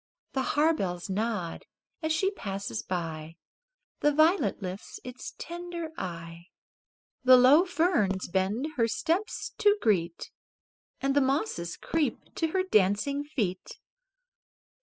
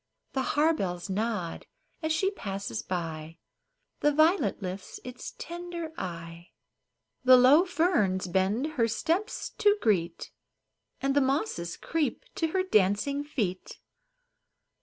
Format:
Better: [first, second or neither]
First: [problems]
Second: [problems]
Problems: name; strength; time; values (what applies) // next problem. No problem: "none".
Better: second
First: noise reduction (classical method spectral subtraction)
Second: none